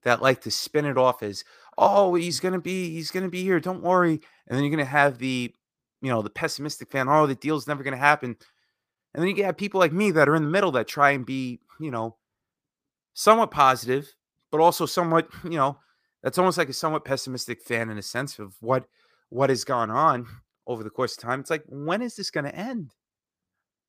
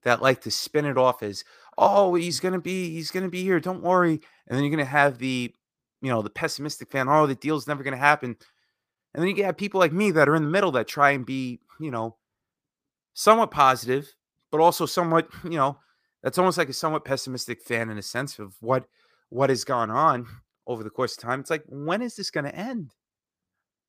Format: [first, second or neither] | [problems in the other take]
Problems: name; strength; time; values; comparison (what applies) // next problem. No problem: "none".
neither | none